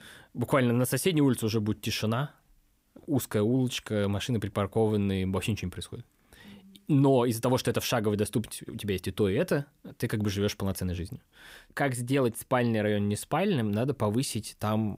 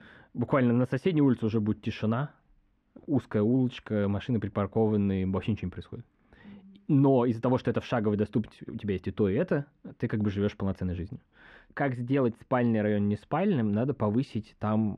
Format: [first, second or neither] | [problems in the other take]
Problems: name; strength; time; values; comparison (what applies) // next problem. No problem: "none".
first | muffled; very; fading above 2 kHz